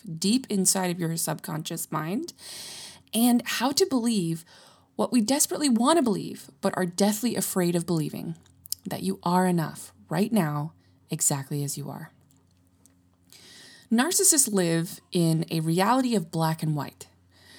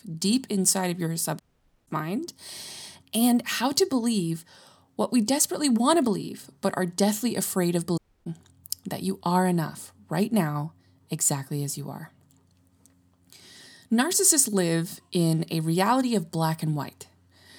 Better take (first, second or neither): first